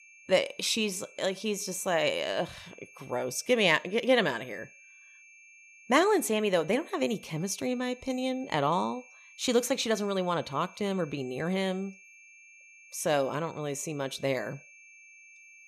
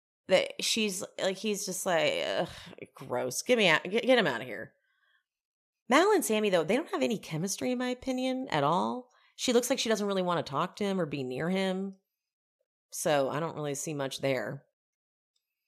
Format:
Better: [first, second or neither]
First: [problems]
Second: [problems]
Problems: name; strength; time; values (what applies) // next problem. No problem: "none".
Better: second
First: high-pitched whine; faint; throughout; 2.5 kHz, 25 dB below the speech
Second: none